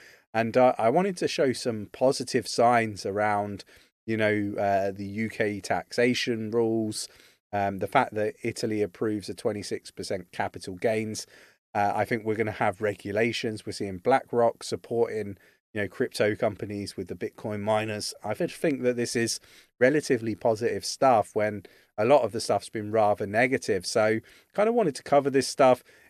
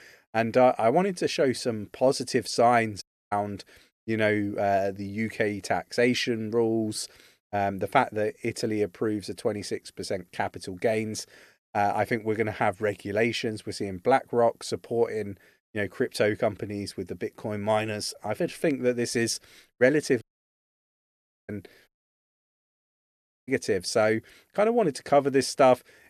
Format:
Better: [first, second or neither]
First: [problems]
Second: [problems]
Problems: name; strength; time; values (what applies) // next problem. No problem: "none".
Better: first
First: none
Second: audio cutting out; at 3 s, at 20 s for 1.5 s and at 22 s for 1.5 s